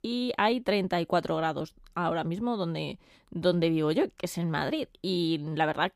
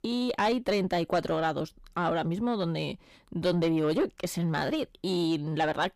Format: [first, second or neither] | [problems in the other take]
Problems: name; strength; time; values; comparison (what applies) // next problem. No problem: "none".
first | distortion; slight; 10 dB below the speech